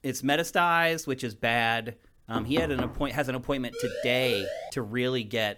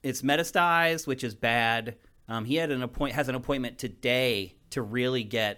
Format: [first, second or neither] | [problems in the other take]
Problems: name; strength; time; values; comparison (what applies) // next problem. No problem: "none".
second | door banging; noticeable; at 2.5 s; peak 5 dB below the speech // siren; noticeable; at 3.5 s; peak 6 dB below the speech